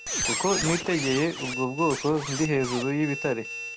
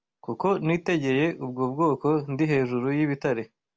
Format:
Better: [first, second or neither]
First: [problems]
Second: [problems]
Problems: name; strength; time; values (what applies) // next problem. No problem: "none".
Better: second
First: background sound (Squeak); 6 dB below the speech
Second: none